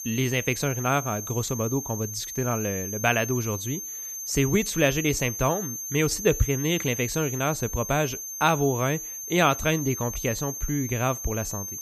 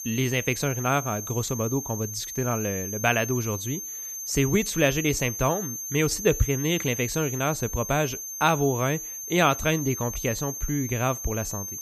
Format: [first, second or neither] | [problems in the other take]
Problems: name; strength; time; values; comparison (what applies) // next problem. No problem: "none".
neither | high-pitched whine; loud; throughout; 6.5 kHz, 6 dB below the speech; the same in both